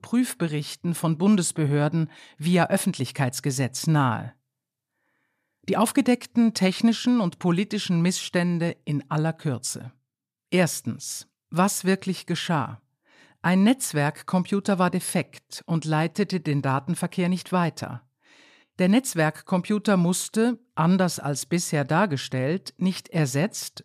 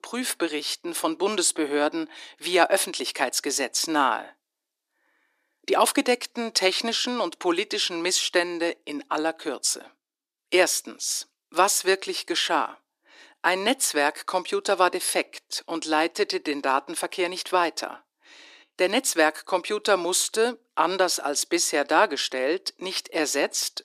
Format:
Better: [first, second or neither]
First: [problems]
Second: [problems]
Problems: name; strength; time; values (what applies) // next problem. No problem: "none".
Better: first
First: none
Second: thin; very; fading below 300 Hz